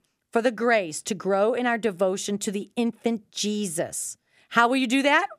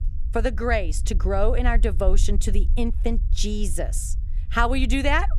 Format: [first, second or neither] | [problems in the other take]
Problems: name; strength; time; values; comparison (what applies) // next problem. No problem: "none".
first | low rumble; faint; throughout; 20 dB below the speech